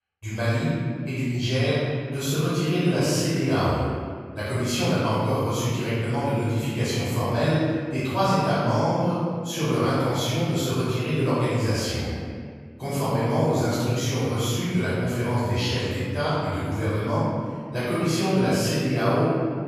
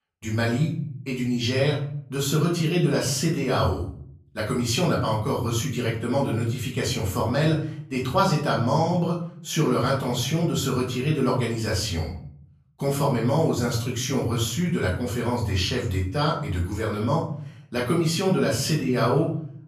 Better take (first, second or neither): second